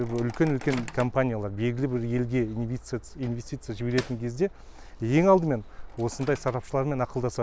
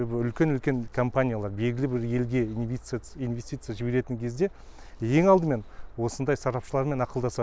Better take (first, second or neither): second